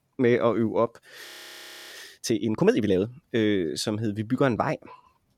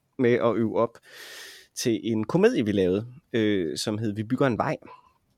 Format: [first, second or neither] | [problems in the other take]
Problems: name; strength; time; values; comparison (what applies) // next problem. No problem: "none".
second | audio freezing; at 1.5 s for 0.5 s